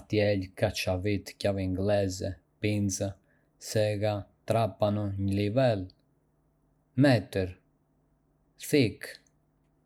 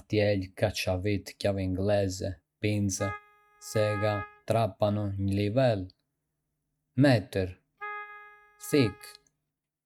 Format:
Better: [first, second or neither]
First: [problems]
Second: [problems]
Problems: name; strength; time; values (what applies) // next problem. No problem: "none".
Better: first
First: none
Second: noise reduction (neural mask model RNNoise)